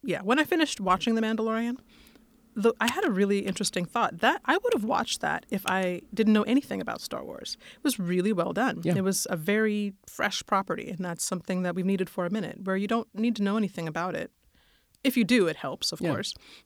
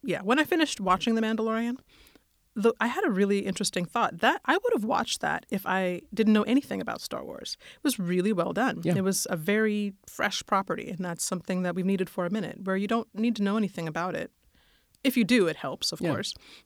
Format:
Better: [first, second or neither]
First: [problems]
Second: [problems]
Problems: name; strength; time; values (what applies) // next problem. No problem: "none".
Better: second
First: keyboard typing; noticeable; from 3 to 5.5 s; peak 6 dB below the speech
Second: none